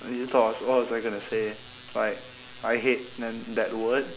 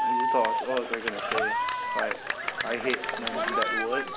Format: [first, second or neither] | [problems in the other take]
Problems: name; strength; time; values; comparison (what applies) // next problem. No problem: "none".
first | background sound (Cheering); 4 dB above the speech